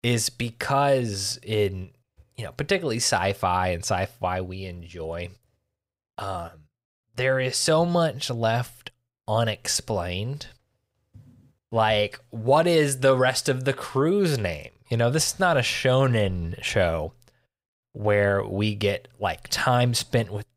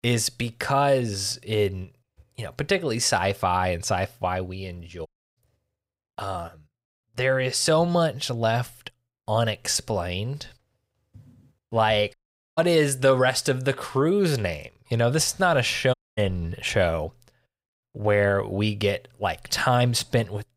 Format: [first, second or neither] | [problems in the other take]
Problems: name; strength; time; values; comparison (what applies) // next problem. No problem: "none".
first | audio cutting out; at 5 s, at 12 s and at 16 s